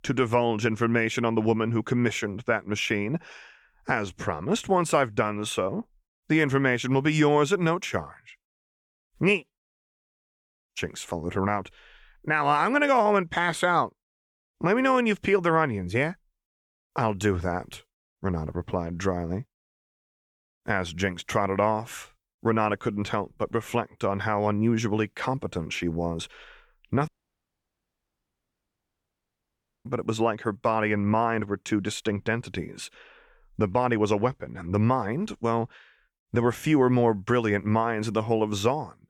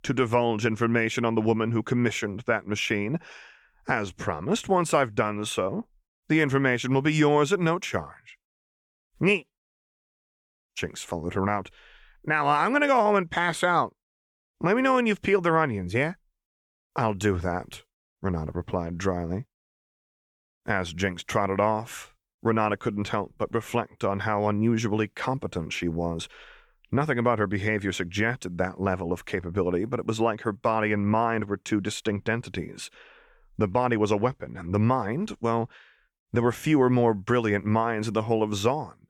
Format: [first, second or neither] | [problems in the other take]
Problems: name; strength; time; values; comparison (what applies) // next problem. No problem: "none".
second | audio cutting out; at 27 s for 3 s